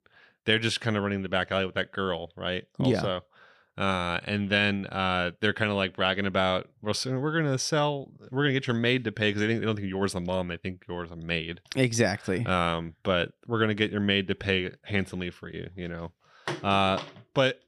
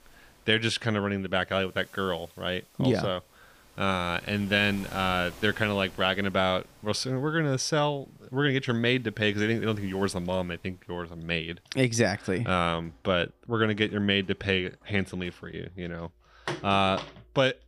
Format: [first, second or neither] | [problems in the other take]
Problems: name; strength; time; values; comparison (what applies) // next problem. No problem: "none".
first | rain or running water; faint; throughout; 25 dB below the speech